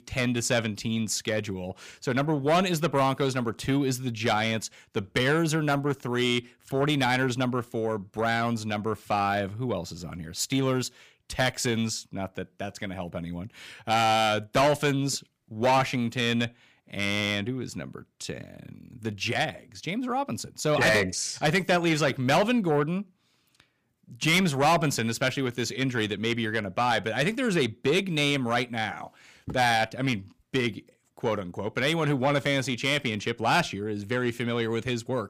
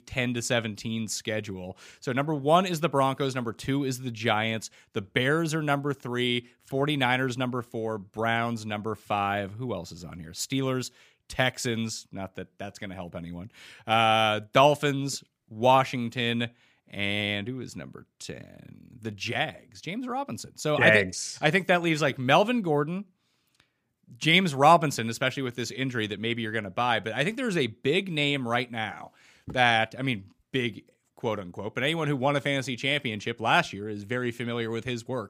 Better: second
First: distortion; heavy; 8 dB below the speech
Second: none

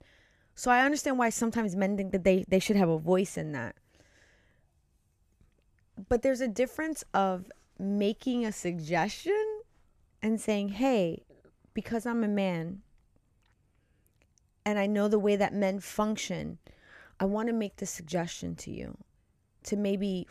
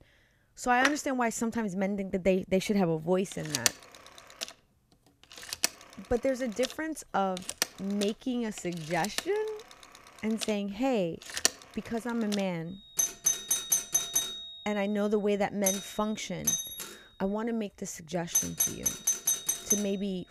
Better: first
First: none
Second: alarms or sirens; very loud; throughout; 1 dB above the speech

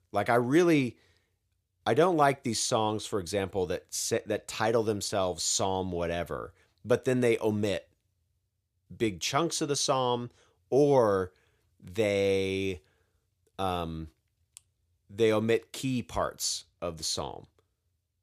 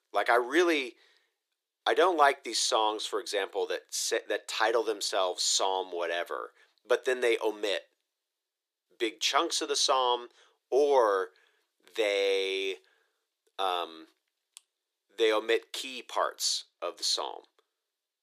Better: first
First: none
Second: thin; very; fading below 350 Hz

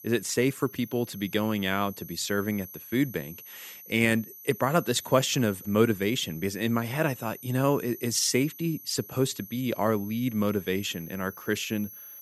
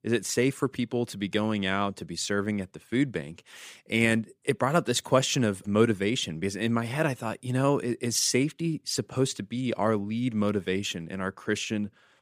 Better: second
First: high-pitched whine; noticeable; throughout; 12 kHz, 15 dB below the speech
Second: none

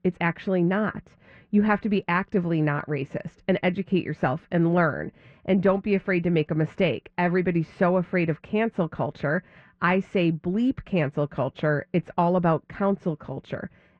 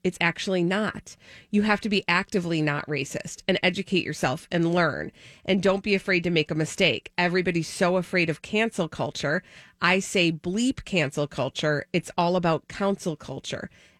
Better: second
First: muffled; very; fading above 1.5 kHz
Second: none

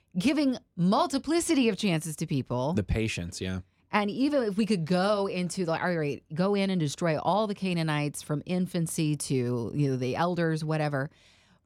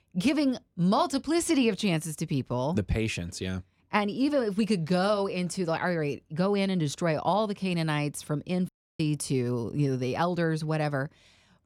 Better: first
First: none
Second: audio cutting out; at 8.5 s

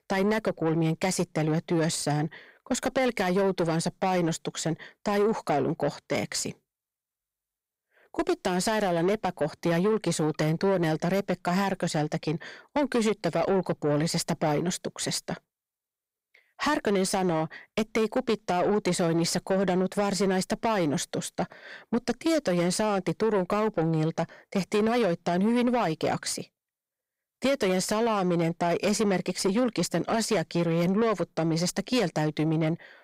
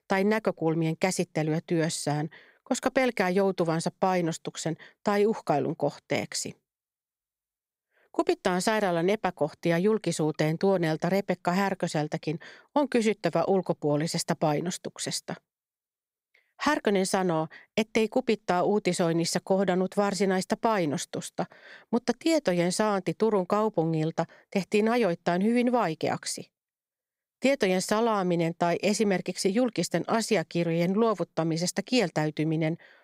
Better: second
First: distortion; slight; 10 dB below the speech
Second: none

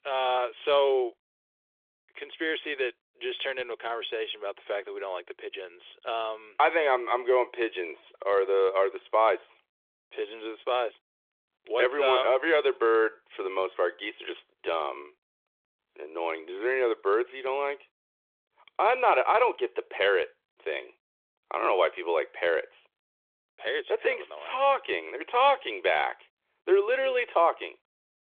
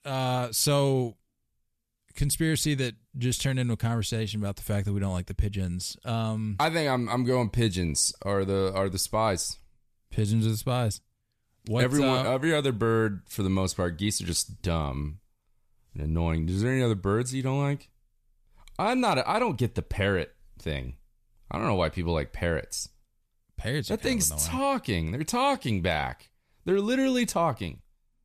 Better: second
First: phone-call audio; nothing above 3.5 kHz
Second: none

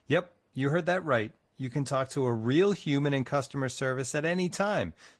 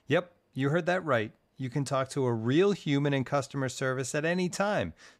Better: second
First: garbled, watery; slightly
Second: none

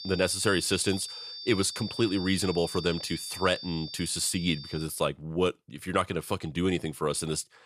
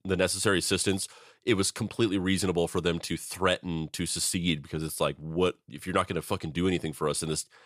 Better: second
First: high-pitched whine; loud; until 5 s; 4.5 kHz, 10 dB below the speech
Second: none

